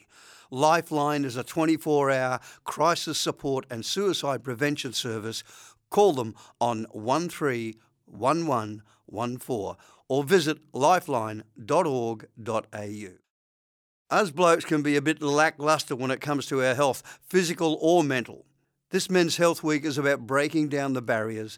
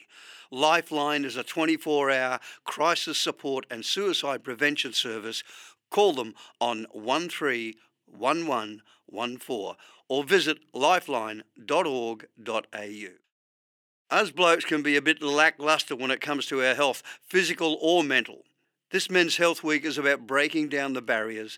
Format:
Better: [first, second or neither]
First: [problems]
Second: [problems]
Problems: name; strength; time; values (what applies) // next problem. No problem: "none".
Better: first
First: none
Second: thin; very slightly; fading below 300 Hz